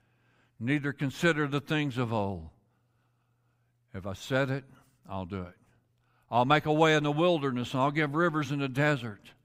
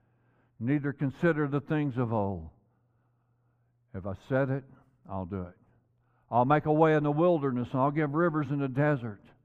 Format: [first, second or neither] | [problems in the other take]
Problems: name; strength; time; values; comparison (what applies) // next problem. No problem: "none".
first | muffled; very; fading above 2 kHz